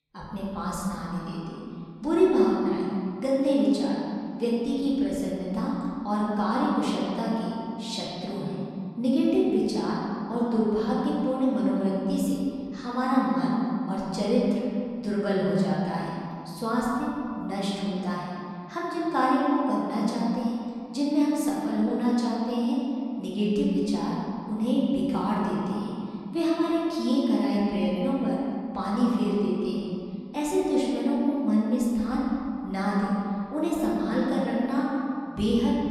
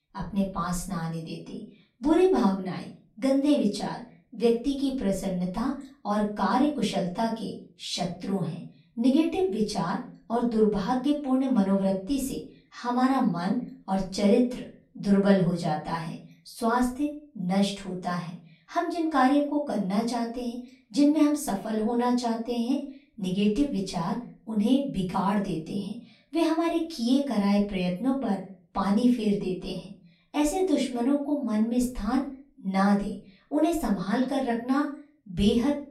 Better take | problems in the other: second | room echo; strong; dies away in 2.5 s; slight in the second // off-mic speech; far; far in the second

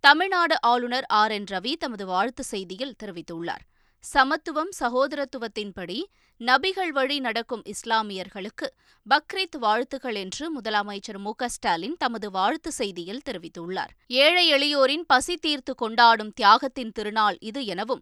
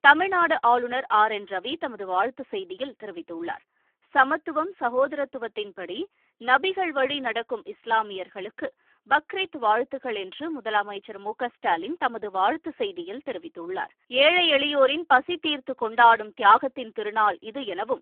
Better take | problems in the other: first | phone-call audio; poor line; nothing above 3.5 kHz

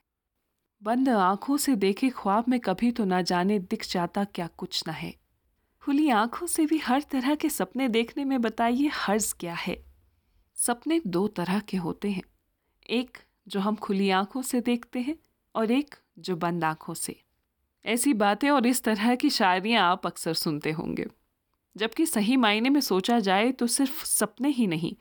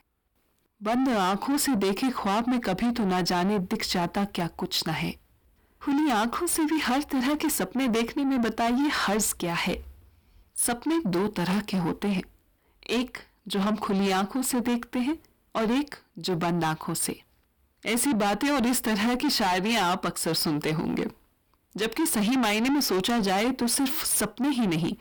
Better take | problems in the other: first | distortion; heavy; 7 dB below the speech

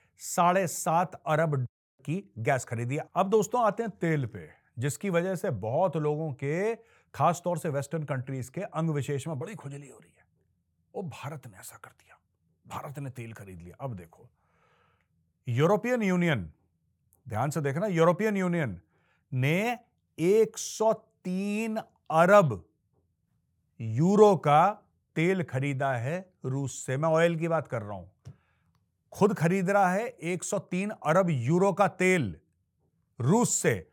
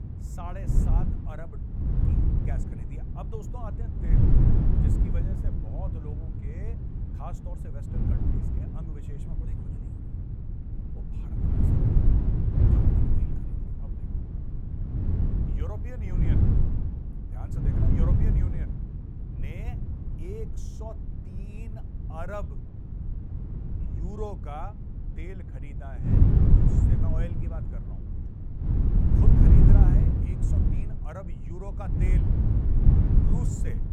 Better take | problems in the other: first | wind noise on the microphone; heavy; 5 dB above the speech

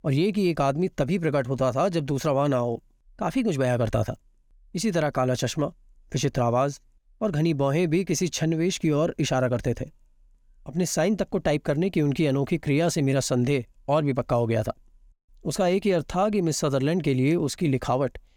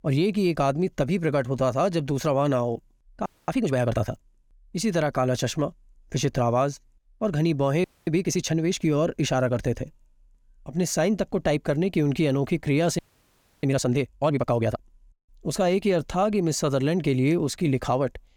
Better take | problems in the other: first | audio freezing; at 3.5 s, at 8 s and at 13 s for 0.5 s

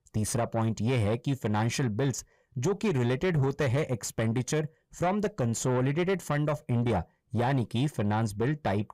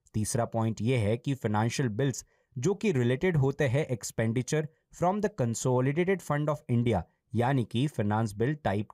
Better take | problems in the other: second | distortion; slight; 10 dB below the speech

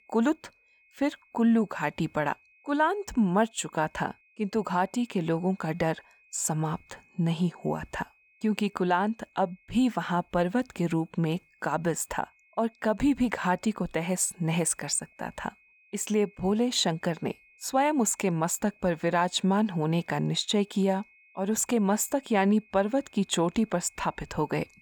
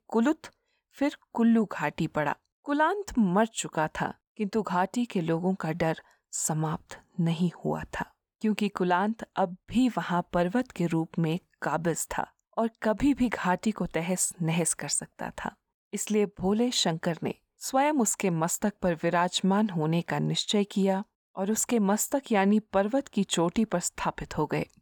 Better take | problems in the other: second | high-pitched whine; faint; throughout; 2.5 kHz, 30 dB below the speech

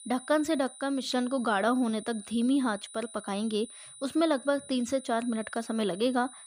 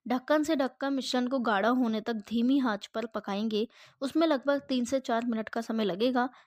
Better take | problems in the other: second | high-pitched whine; noticeable; throughout; 9.5 kHz, 15 dB below the speech

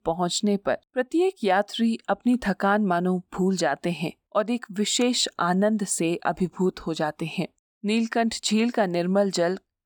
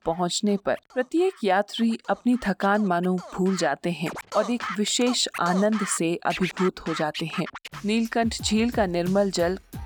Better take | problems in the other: first | background music; noticeable; throughout; 10 dB below the speech

